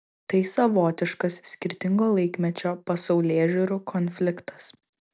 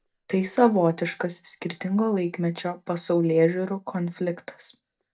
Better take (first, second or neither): first